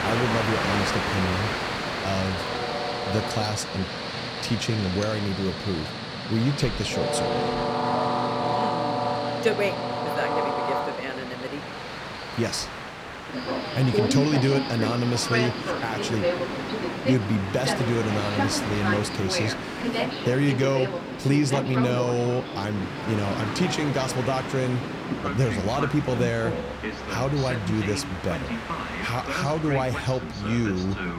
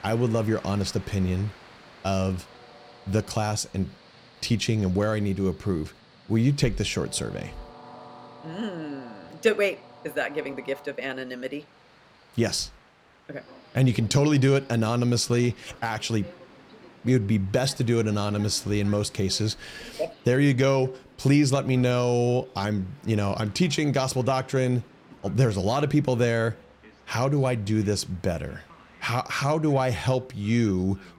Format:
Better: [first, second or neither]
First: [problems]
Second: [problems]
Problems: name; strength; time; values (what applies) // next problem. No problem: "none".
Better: second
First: train or aircraft noise; loud; throughout; 1 dB below the speech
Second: train or aircraft noise; faint; throughout; 25 dB below the speech